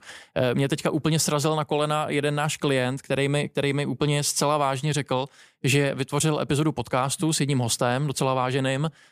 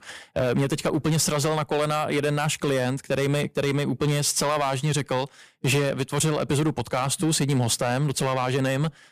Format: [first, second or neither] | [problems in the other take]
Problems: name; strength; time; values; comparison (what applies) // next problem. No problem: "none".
first | distortion; slight; 9% of the sound clipped